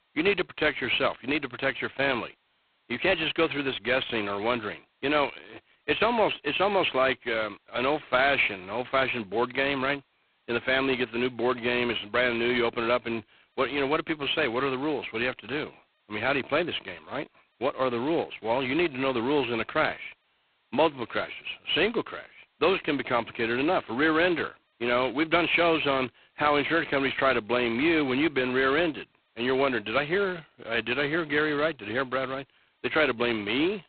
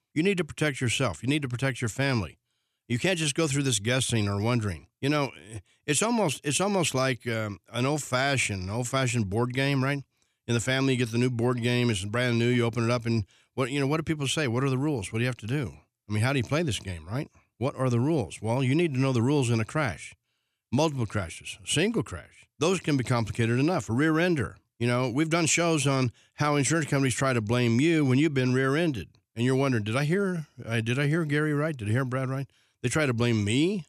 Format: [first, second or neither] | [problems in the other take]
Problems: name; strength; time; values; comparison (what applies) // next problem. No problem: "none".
second | phone-call audio; poor line; nothing above 4 kHz